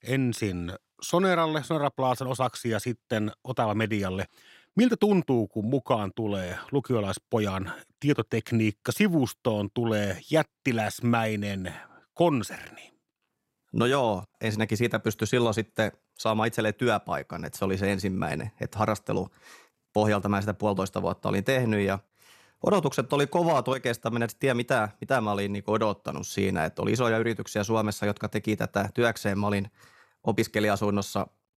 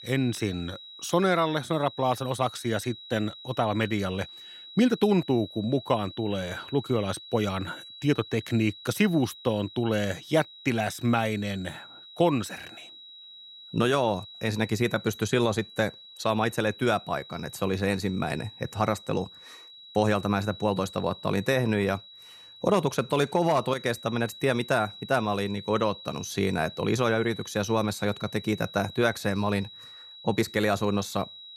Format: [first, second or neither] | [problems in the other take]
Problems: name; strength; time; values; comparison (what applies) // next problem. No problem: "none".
first | high-pitched whine; noticeable; throughout; 4 kHz, 15 dB below the speech